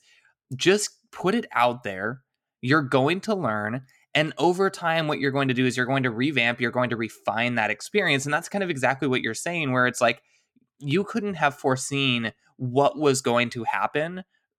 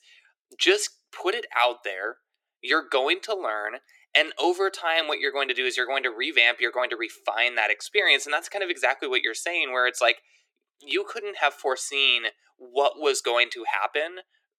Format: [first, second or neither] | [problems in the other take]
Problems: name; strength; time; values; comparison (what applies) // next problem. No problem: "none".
first | thin; very; fading below 350 Hz